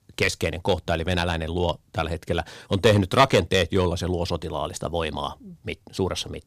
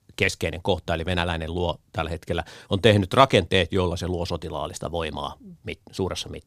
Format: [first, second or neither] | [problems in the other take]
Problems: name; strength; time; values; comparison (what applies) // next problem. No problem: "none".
second | distortion; slight; 1% of the sound clipped